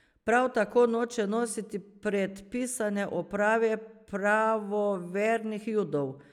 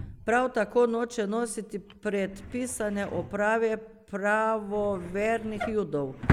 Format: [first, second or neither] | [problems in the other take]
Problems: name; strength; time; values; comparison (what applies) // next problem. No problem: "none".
first | background sound (Drawer open or close); 8 dB below the speech